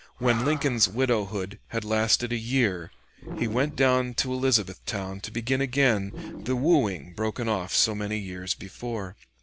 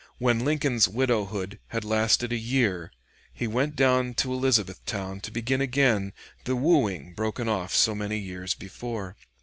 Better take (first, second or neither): second